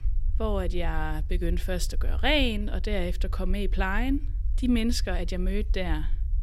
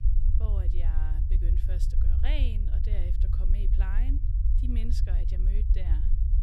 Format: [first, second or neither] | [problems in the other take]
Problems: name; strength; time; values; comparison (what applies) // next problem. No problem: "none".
first | low rumble; loud; throughout; 2 dB below the speech; faint in the first